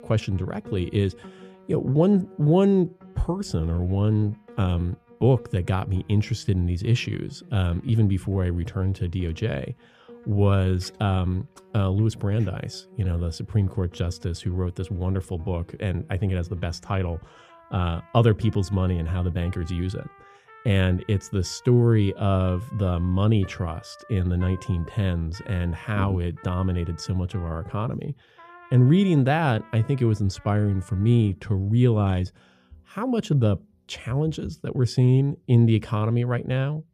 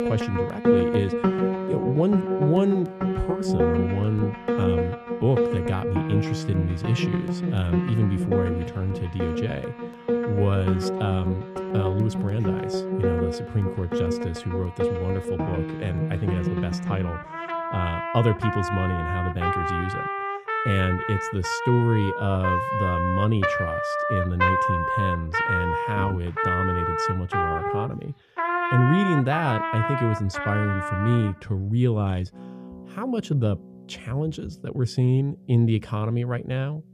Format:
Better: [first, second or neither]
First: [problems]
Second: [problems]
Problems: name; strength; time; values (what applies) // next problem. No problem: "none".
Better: first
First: background music; faint; throughout; 25 dB below the speech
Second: background music; loud; throughout; 1 dB below the speech